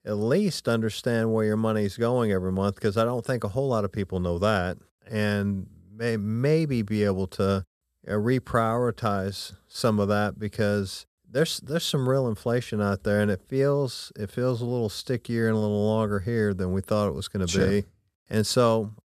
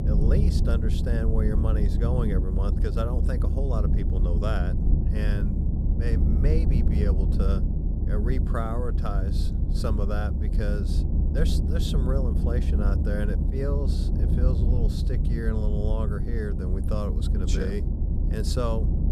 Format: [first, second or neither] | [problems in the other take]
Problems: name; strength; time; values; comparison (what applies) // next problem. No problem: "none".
first | low rumble; loud; throughout; 4 dB below the speech